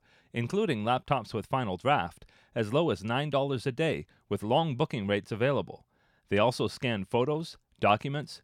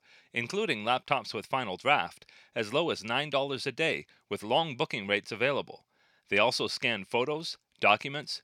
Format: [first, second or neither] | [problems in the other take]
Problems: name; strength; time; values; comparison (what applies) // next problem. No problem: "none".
first | thin; very slightly; fading below 750 Hz